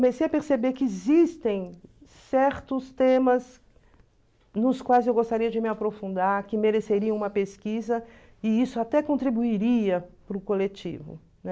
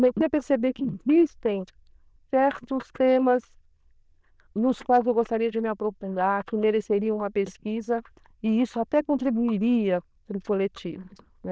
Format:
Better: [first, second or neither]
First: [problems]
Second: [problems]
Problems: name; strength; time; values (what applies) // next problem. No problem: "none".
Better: first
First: none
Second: noise reduction (neural diffusion model UNIVERSE++)